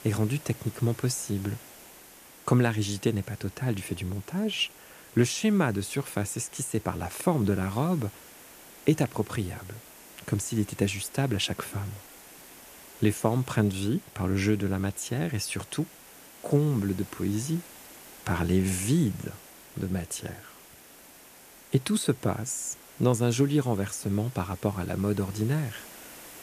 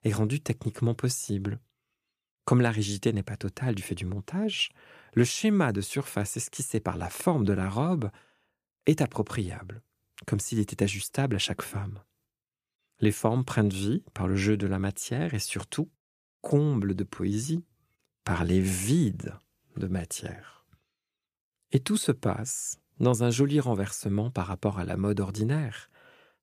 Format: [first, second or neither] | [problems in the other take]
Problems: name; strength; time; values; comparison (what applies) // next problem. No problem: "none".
second | hiss; noticeable; throughout; 20 dB below the speech